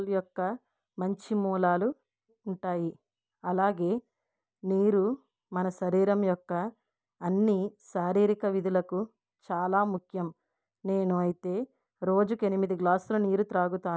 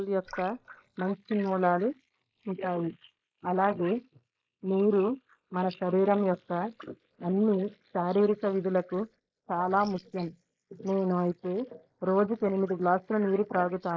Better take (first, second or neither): first